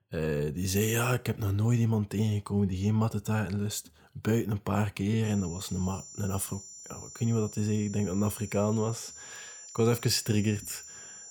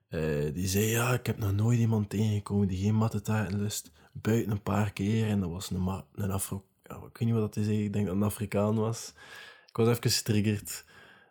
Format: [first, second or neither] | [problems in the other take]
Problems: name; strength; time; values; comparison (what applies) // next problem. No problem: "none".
second | high-pitched whine; noticeable; from 5 s on; 7 kHz, 15 dB below the speech